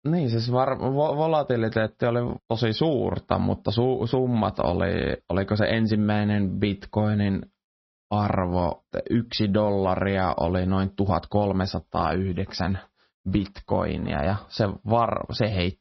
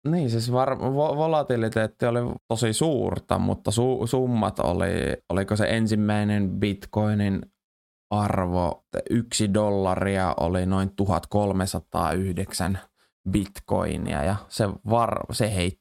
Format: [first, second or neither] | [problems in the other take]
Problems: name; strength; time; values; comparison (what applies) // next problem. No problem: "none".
second | garbled, watery; slightly; nothing above 5.5 kHz